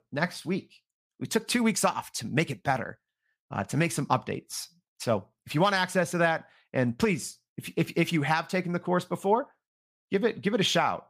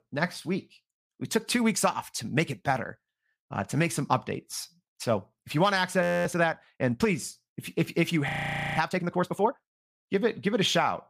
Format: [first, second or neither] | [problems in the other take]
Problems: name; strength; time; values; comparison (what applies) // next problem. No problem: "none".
first | audio freezing; at 6 s and at 8.5 s